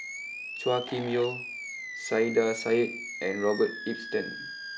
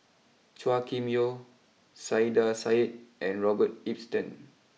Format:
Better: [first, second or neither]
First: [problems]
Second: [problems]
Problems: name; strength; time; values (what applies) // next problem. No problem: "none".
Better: second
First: background sound (Animal); 9 dB below the speech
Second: none